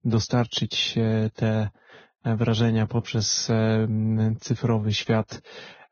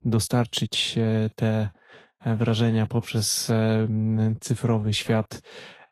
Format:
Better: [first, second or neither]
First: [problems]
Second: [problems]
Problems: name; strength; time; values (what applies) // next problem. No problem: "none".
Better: second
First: garbled, watery; badly; nothing above 6.5 kHz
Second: garbled, watery; slightly; nothing above 12 kHz